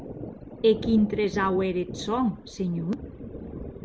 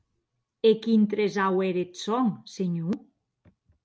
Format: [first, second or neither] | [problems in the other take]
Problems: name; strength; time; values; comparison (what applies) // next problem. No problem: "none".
second | background sound (Thunder); 11 dB below the speech